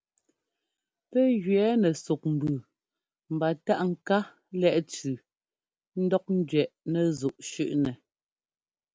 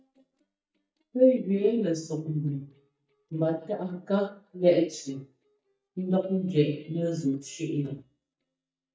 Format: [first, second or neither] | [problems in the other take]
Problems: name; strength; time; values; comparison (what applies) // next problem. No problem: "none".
first | noise reduction (neural mask model DeepFilterNet 3)